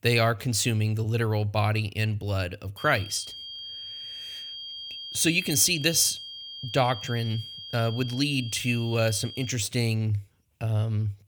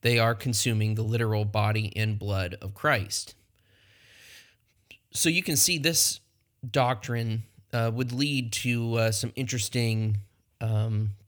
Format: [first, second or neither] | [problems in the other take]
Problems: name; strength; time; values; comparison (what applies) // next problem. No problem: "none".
second | high-pitched whine; noticeable; from 3 to 9.5 s; 3 kHz, 10 dB below the speech